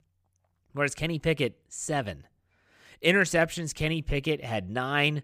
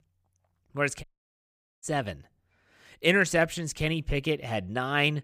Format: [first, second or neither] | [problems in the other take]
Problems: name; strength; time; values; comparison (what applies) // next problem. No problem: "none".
first | audio cutting out; at 1 s for 1 s